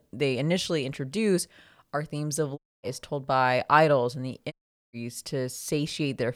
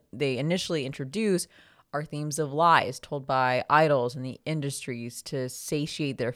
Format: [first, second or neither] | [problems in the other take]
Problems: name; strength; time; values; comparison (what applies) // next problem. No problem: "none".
second | audio cutting out; at 2.5 s and at 4.5 s